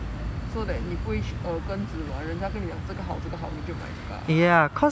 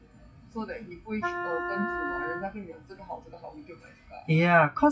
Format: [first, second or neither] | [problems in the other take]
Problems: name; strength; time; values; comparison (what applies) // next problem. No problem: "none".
first | noise reduction (classical method WPE with log-MMSE)